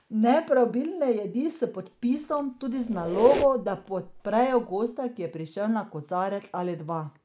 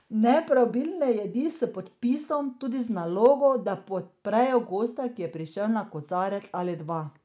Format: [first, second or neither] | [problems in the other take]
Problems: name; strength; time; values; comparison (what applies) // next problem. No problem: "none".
second | background sound (Squeak); 11 dB below the speech